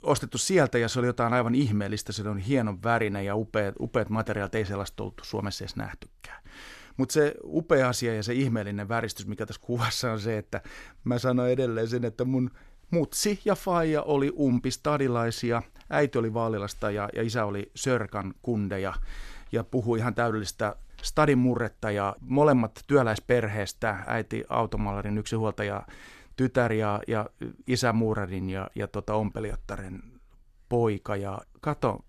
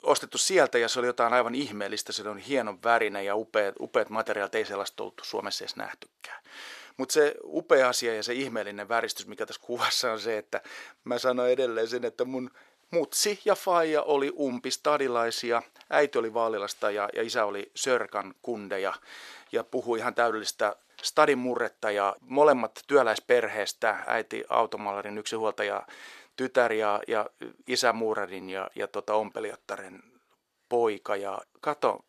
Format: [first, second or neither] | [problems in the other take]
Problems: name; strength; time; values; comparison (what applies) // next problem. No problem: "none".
first | thin; somewhat; fading below 500 Hz